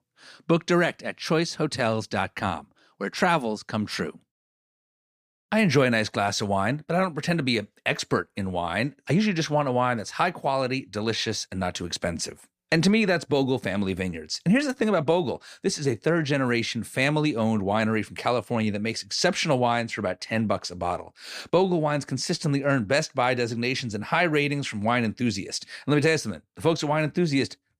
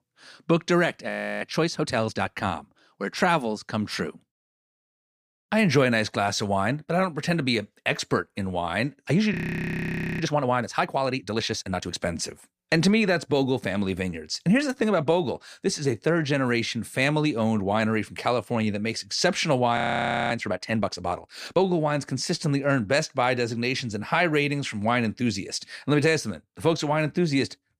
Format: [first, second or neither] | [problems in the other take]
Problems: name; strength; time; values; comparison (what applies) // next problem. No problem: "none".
first | audio freezing; at 1 s, at 9.5 s for 1 s and at 20 s for 0.5 s